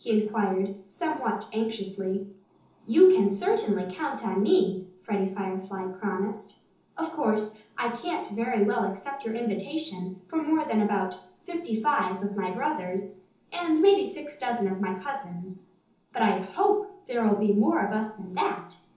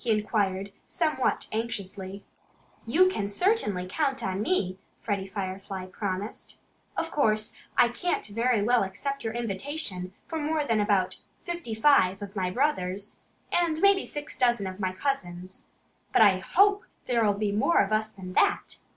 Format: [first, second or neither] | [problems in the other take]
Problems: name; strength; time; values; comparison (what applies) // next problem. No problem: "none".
second | room echo; dies away in 0.6 s